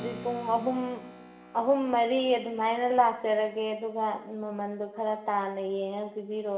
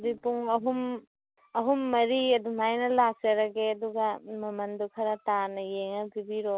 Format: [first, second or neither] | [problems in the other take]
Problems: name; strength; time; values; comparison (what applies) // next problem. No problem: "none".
second | background sound (Keyboard (musical)); 20 dB below the speech // room echo; dies away in 1.1 s